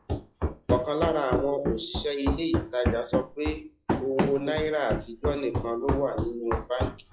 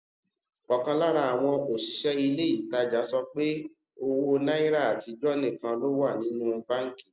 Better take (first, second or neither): second